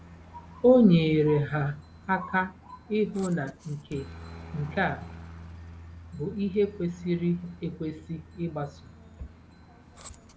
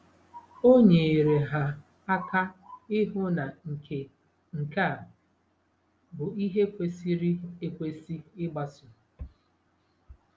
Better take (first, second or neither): second